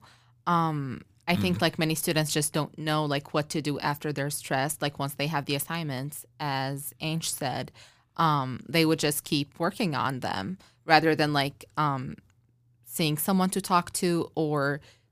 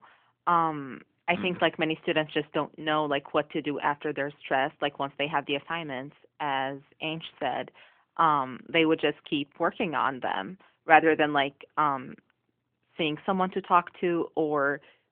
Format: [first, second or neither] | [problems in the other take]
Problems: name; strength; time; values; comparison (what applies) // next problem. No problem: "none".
first | phone-call audio; nothing above 3 kHz